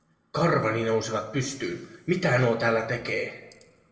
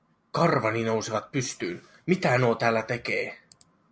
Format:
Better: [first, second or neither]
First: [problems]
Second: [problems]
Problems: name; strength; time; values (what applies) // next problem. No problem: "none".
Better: second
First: room echo; dies away in 1 s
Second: none